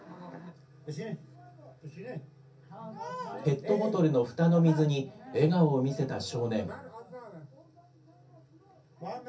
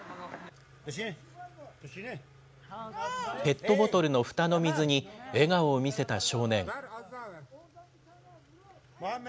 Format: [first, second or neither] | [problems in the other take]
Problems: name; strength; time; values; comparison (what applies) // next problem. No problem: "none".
second | room echo; dies away in 0.3 s